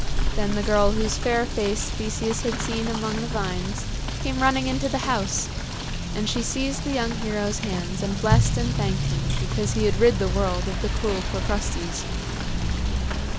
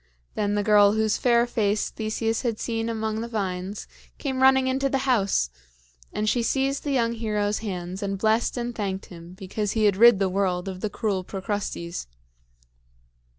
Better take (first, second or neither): second